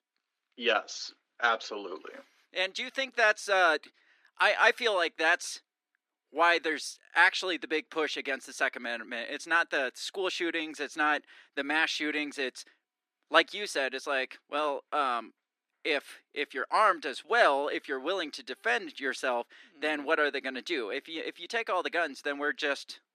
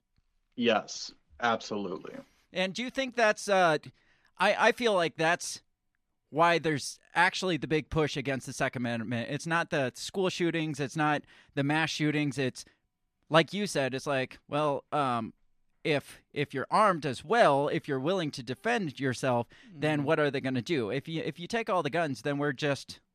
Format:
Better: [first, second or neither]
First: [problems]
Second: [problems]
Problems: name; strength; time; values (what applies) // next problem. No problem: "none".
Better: second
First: thin; somewhat; fading below 300 Hz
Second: none